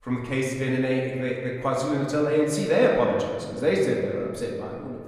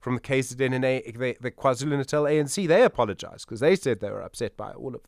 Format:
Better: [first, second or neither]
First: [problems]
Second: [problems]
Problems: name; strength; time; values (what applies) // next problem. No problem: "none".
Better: second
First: room echo; noticeable; dies away in 1.8 s // off-mic speech; far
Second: none